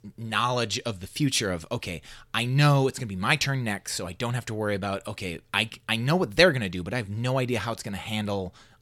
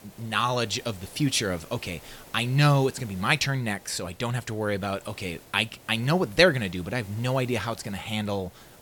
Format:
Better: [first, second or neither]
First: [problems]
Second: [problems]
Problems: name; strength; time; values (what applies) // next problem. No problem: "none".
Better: first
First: none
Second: hiss; faint; throughout; 20 dB below the speech